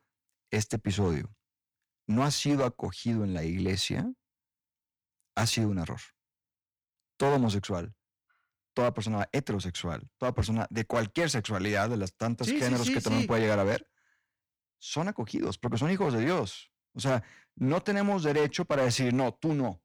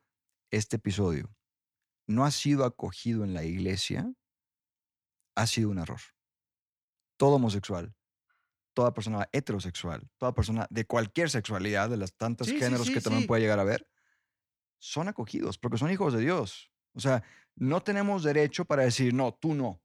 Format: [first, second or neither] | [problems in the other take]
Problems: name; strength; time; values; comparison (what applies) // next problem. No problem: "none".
second | distortion; slight; 6% of the sound clipped